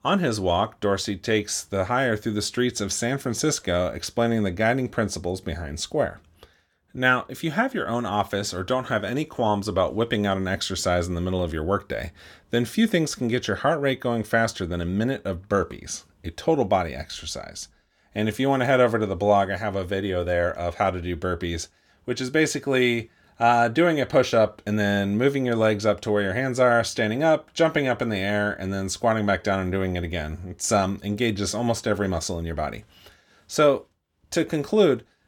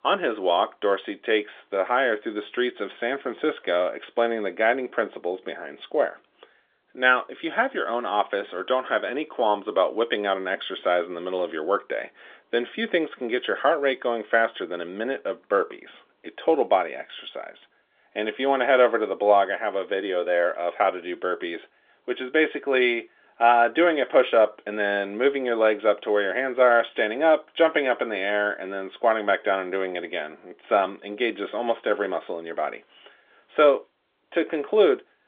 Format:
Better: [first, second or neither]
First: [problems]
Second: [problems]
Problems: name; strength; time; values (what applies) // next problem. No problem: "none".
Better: first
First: none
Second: phone-call audio; nothing above 3.5 kHz